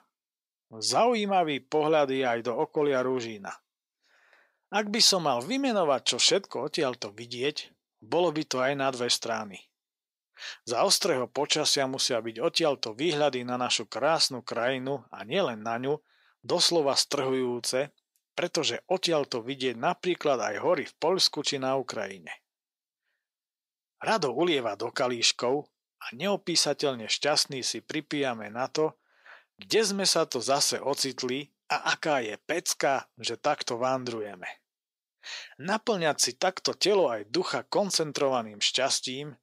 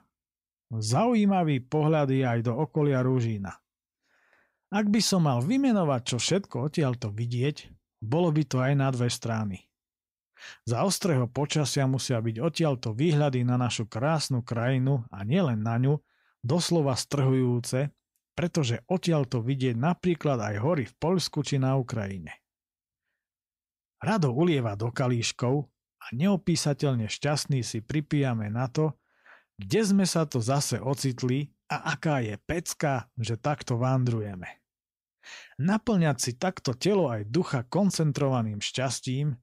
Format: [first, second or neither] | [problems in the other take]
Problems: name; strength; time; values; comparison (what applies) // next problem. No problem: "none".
second | thin; somewhat; fading below 450 Hz